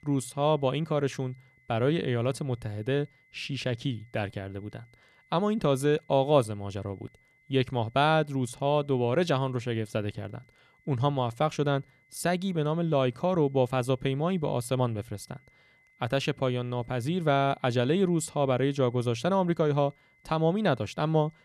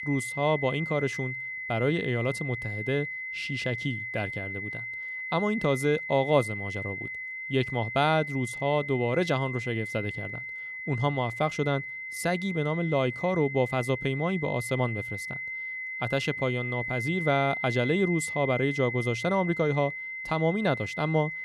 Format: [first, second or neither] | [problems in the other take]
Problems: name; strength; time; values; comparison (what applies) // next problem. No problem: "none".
first | high-pitched whine; loud; throughout; 2 kHz, 5 dB below the speech; faint in the first